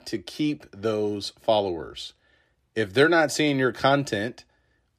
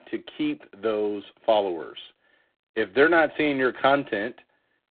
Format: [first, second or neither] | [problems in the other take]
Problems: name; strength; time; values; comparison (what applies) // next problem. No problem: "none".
first | phone-call audio; poor line; nothing above 3.5 kHz